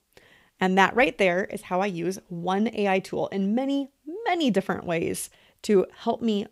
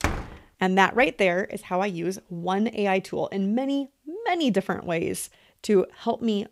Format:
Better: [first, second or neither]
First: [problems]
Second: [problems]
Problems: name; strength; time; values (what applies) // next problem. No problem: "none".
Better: first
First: none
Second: door banging; noticeable; at the start; peak 4 dB below the speech